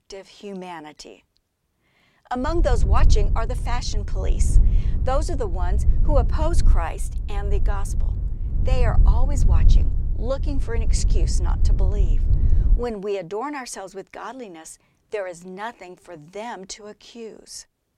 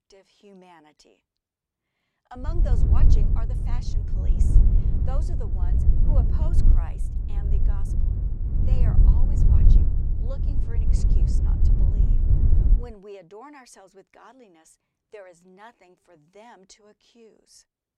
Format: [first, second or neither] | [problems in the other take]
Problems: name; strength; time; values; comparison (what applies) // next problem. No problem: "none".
first | wind noise on the microphone; heavy; from 2.5 to 13 s; 4 dB above the speech; occasional gusts in the first